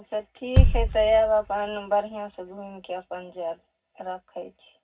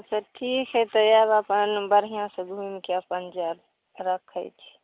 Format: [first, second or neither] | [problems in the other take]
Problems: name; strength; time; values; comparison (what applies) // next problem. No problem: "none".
second | background sound (Bass drum); 1 dB above the speech // room echo; dies away in 0.4 s